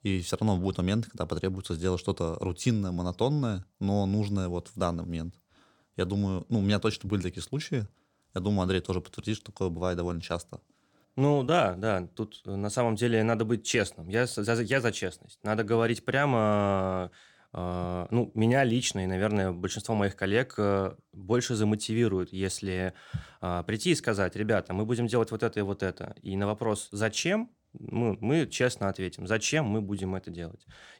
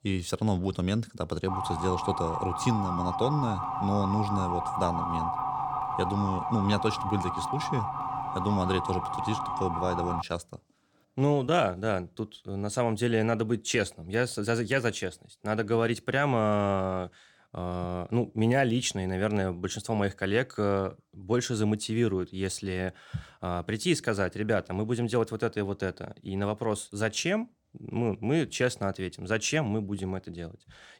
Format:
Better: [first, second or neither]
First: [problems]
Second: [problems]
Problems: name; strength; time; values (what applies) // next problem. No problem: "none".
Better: first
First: none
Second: siren; noticeable; from 1.5 to 10 s; peak 1 dB below the speech